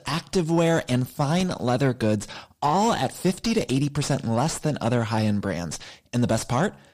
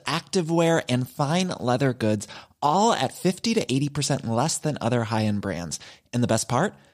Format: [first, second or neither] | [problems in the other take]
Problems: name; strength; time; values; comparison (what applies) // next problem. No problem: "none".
second | distortion; slight; 10 dB below the speech